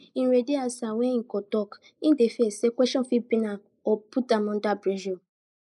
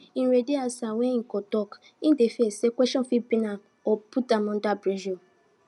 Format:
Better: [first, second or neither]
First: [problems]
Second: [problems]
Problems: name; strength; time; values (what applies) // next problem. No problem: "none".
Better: second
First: noise reduction (neural mask model Resemble Enhance denoiser)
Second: none